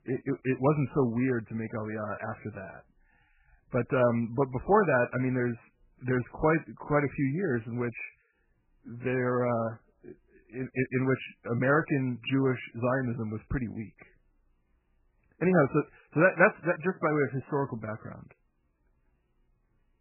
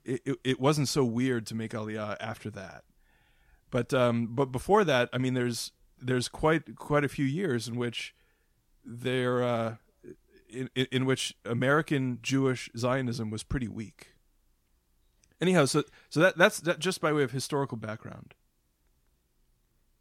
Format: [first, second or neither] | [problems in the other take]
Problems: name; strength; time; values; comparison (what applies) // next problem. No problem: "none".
second | garbled, watery; badly; nothing above 2.5 kHz